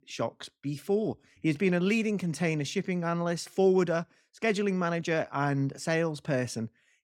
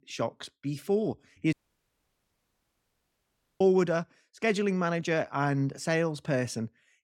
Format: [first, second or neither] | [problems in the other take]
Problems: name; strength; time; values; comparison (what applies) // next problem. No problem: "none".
first | audio cutting out; at 1.5 s for 2 s